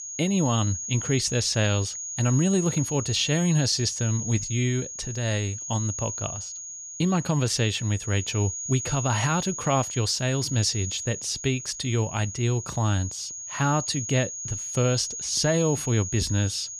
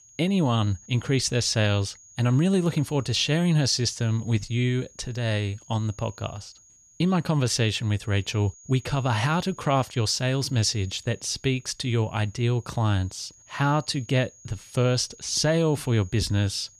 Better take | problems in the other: second | high-pitched whine; loud; throughout; 6.5 kHz, 6 dB below the speech; faint in the second

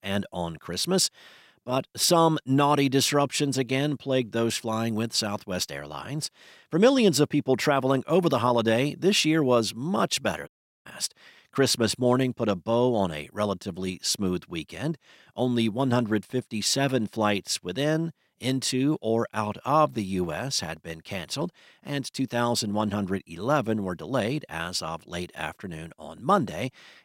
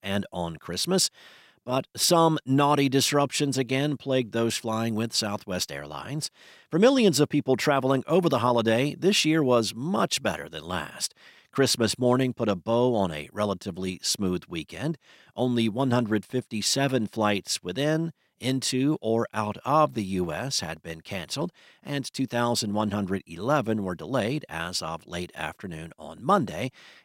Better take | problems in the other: second | audio cutting out; at 10 s

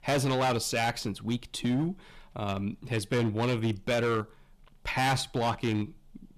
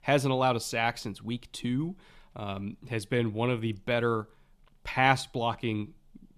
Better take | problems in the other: second | distortion; heavy; 11% of the sound clipped

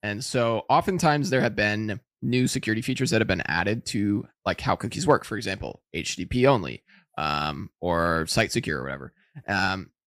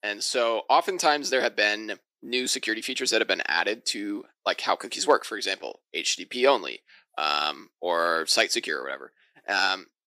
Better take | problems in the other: first | thin; somewhat; fading below 350 Hz

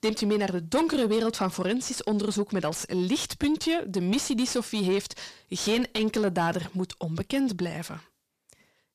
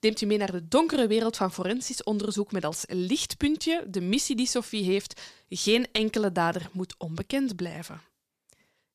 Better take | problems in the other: second | distortion; slight; 10 dB below the speech

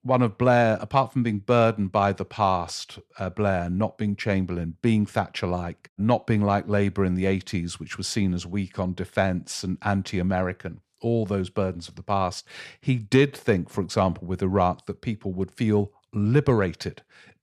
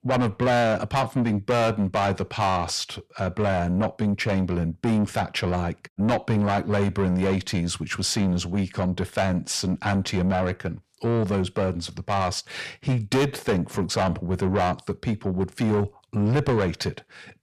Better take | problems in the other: first | distortion; heavy; 6 dB below the speech

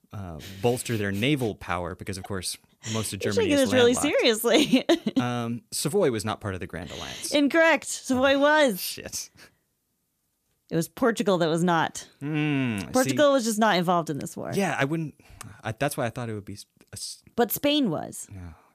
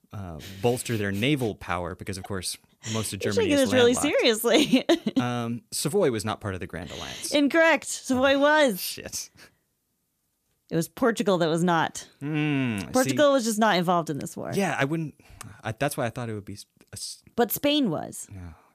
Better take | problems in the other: neither | none

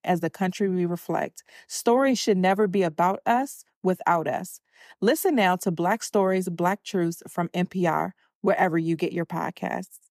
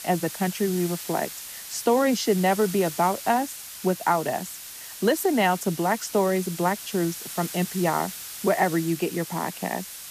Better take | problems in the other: first | hiss; loud; throughout; 10 dB below the speech

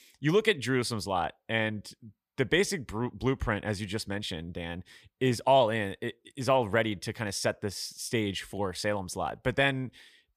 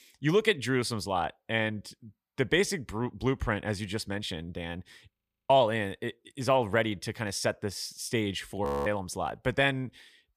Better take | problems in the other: first | audio freezing; at 5 s and at 8.5 s

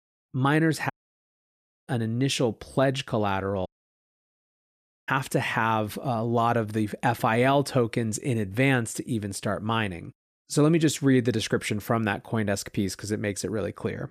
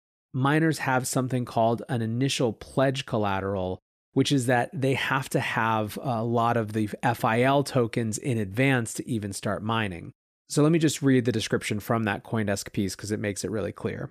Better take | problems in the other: second | audio cutting out; at 1 s for 1 s and at 3.5 s for 1.5 s

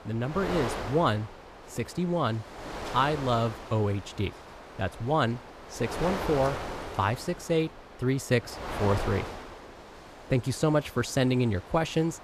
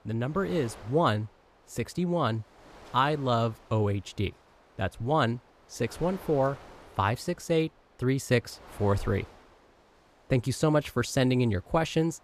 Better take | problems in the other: second | wind noise on the microphone; heavy; 8 dB below the speech; occasional gusts in the second

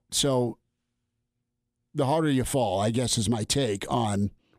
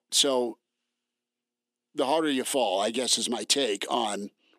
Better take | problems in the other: first | thin; very slightly; fading below 250 Hz

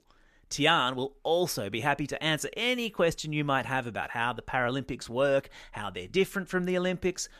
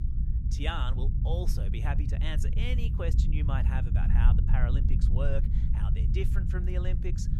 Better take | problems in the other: first | low rumble; loud; throughout; 5 dB below the speech

